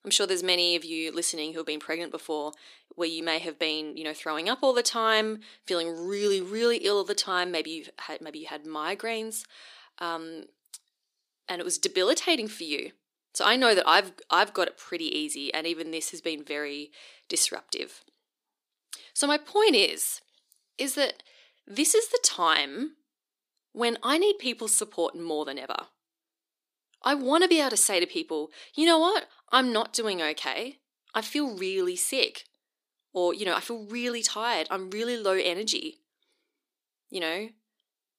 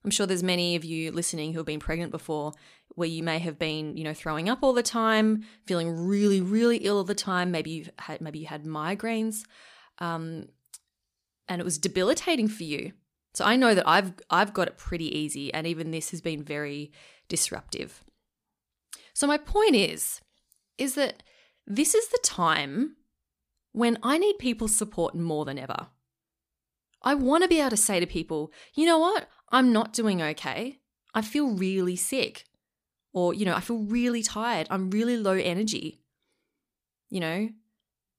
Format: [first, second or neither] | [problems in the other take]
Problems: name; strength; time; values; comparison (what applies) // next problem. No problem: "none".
second | thin; somewhat; fading below 350 Hz